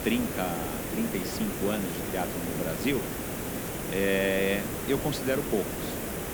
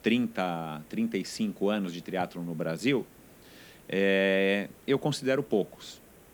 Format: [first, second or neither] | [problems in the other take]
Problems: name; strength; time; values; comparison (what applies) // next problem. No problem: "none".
second | hiss; loud; throughout; 2 dB below the speech; faint in the second